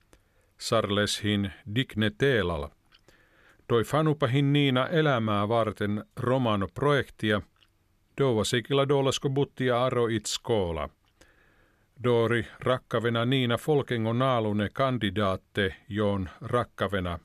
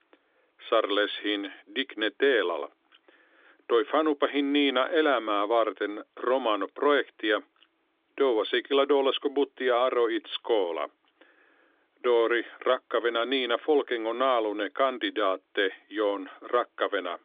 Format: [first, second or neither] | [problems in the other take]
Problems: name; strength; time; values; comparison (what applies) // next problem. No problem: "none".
first | phone-call audio; nothing above 3.5 kHz